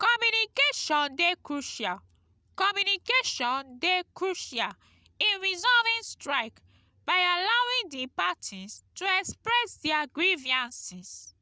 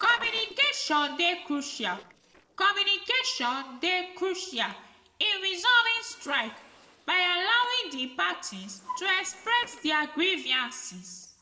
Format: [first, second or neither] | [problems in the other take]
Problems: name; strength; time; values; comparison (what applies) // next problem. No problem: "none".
first | noise reduction (neural separator model SepFormer DNS4)